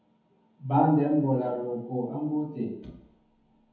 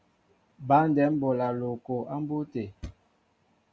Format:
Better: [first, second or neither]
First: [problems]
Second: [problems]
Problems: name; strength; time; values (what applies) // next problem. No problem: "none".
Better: second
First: room echo; dies away in 1.1 s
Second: none